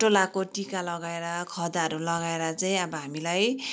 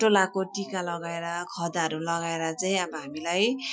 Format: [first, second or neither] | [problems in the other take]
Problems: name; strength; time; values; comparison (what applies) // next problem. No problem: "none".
first | noise reduction (classical method Wiener filter)